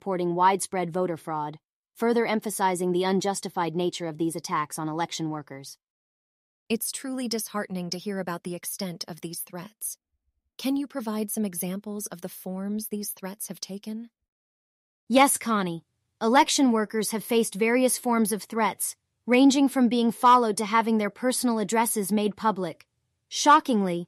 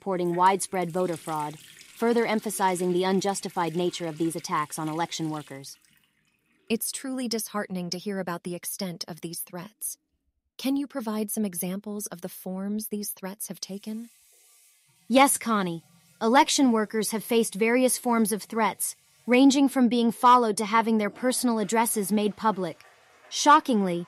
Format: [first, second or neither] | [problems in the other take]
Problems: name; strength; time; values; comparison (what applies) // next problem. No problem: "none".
first | household noises; faint; throughout; 25 dB below the speech